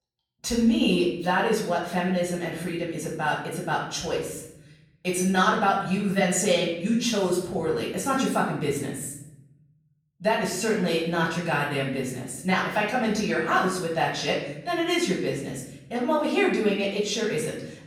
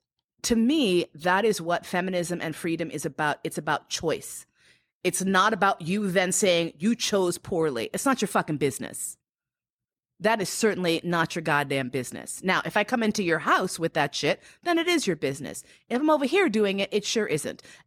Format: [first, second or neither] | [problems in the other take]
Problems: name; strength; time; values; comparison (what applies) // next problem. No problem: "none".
second | off-mic speech; far // room echo; noticeable; dies away in 0.9 s